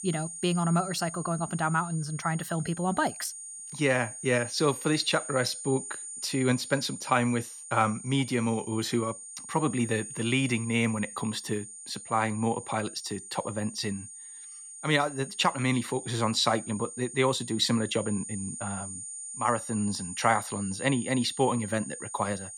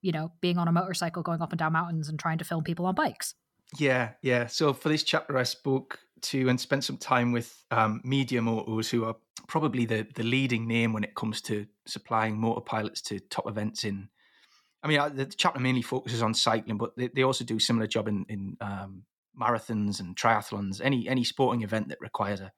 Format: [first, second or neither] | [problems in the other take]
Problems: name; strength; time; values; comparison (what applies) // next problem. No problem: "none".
second | high-pitched whine; noticeable; throughout; 9 kHz, 10 dB below the speech